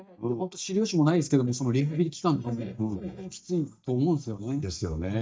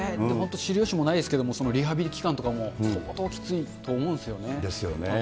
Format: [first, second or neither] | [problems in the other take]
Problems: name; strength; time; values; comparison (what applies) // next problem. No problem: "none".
second | noise reduction (neural mask model DeepFilterNet 3)